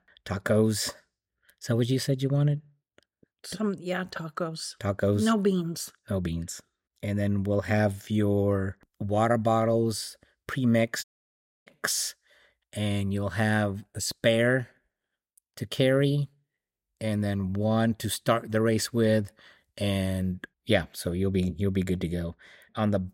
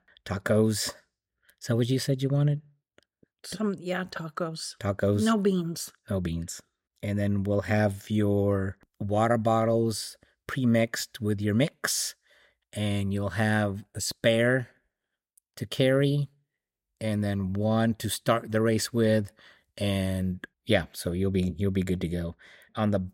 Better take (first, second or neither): second